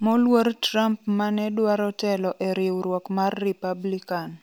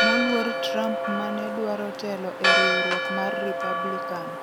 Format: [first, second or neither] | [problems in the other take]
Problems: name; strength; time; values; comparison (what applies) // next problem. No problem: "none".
first | background sound (Church bell); 4 dB above the speech